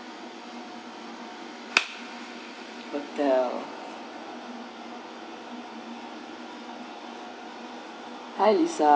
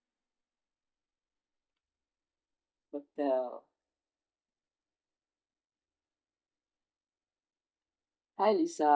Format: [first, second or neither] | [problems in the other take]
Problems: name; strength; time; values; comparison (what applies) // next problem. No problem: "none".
first | noise reduction (neural mask model DeepFilterNet 3)